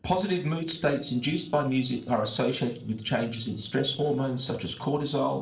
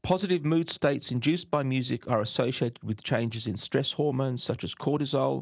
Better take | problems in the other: second | noise reduction (neural separator model SepFormer DNS4)

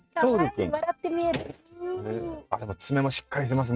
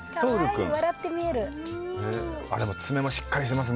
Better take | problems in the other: second | noise reduction (neural mask model RNNoise)

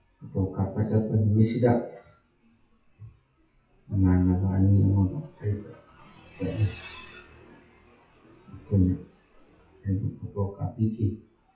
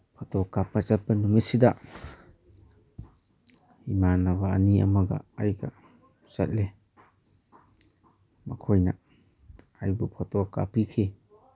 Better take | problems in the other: second | noise reduction (classical method WPE with log-MMSE)

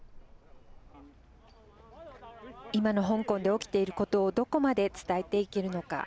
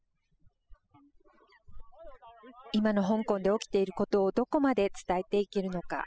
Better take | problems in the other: first | noise reduction (classical method spectral subtraction)

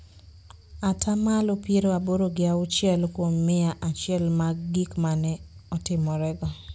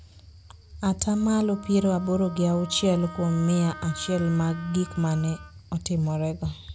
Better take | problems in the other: first | background sound (Wind instrument, woodwind instrument); 19 dB below the speech

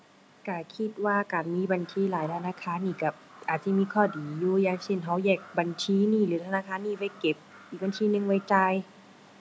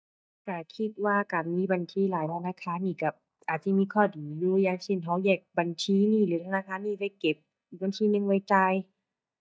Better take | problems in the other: first | noise reduction (neural mask model DeepFilterNet 3)

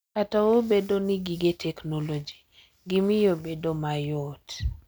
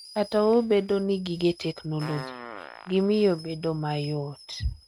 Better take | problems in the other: first | noise reduction (neural mask model RNNoise)

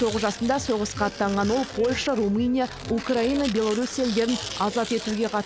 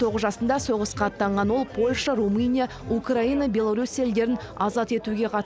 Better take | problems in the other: second | background sound (Tearing); 14 dB below the speech

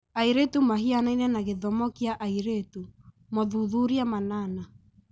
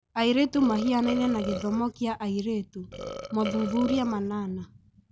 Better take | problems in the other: first | background sound (Burping, eructation); 10 dB below the speech

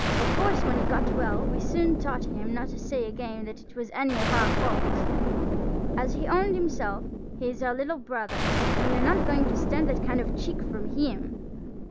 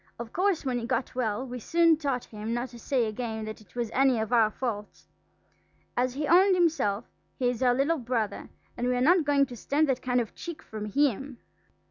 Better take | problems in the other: second | background sound (Explosion); 4 dB above the speech

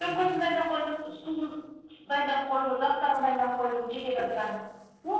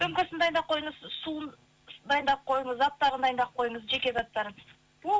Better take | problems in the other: second | noise reduction (neural separator model SepFormer DNS4)

